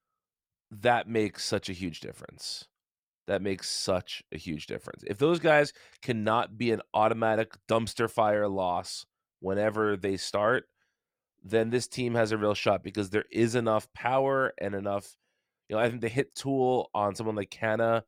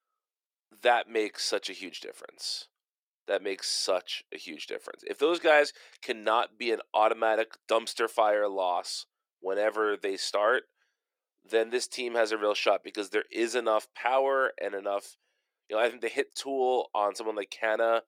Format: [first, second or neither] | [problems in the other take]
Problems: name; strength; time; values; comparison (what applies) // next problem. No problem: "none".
first | thin; somewhat; fading below 350 Hz